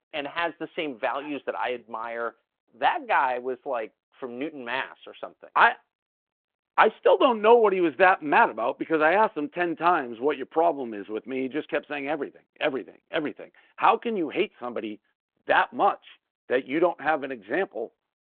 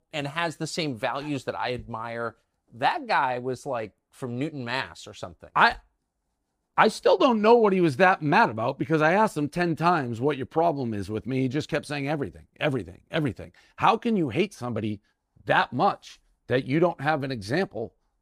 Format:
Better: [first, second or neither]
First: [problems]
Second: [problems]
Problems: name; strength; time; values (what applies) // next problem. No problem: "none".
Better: second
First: phone-call audio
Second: none